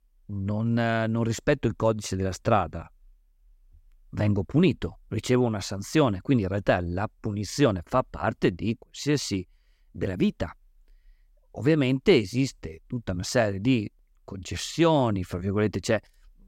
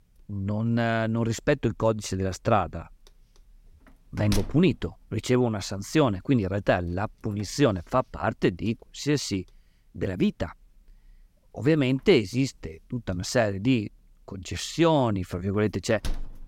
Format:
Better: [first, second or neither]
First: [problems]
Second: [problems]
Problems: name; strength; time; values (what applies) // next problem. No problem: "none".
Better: first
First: none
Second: household noises; noticeable; throughout; 10 dB below the speech